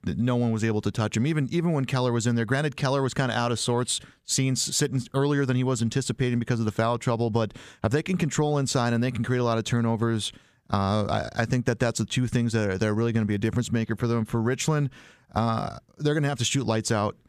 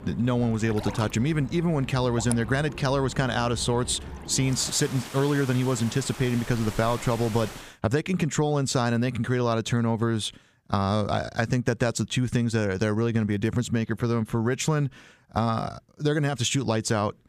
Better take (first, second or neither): first